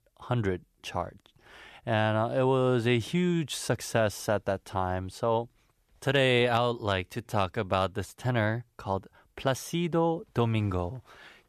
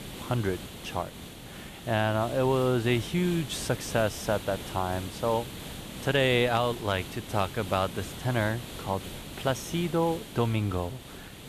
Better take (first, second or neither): first